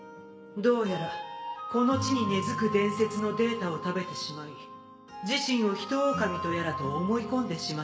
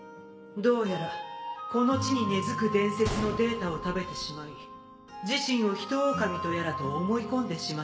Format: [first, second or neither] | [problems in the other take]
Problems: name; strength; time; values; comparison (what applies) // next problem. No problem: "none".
first | background sound (Gunshot, gunfire); 16 dB below the speech